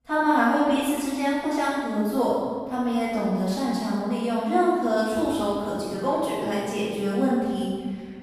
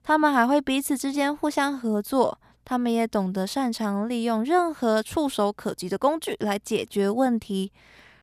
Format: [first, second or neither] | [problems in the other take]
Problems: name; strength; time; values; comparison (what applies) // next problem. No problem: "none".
second | off-mic speech; far // room echo; strong; dies away in 1.9 s